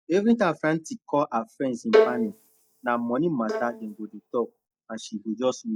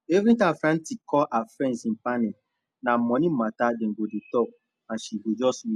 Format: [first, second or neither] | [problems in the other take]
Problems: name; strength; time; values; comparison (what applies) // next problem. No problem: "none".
second | noise reduction (neural mask model DeepFilterNet 3)